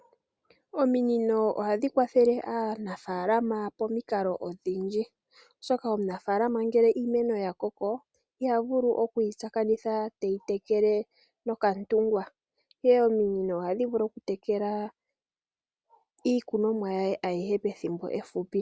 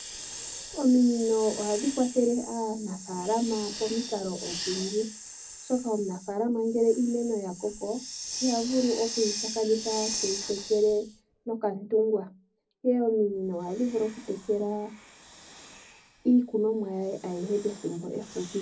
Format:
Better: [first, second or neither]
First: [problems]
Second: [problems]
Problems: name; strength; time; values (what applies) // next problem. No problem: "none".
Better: first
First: none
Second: background sound (Hiss); 12 dB below the speech // room echo; dies away in 0.4 s